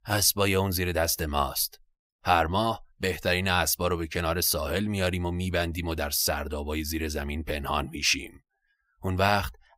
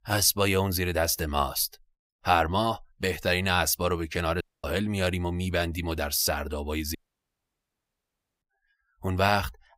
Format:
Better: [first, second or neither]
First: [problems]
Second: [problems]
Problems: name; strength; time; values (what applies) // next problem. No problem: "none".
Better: first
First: none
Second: audio cutting out; at 4.5 s and at 7 s for 1.5 s